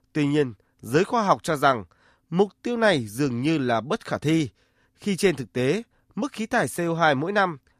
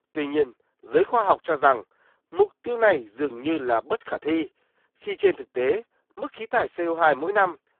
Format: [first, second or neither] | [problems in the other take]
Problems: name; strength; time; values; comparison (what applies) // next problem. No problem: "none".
first | phone-call audio; poor line